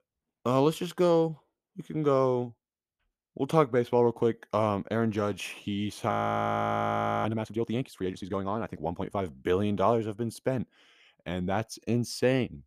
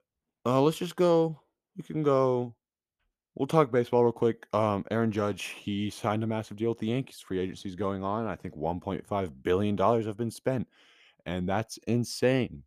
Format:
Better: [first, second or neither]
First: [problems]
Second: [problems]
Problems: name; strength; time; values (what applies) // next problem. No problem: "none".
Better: second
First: audio freezing; at 6 s for 1 s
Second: none